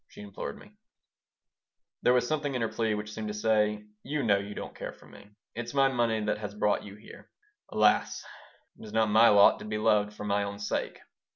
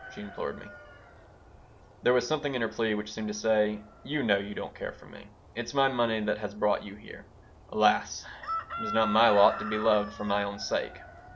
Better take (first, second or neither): first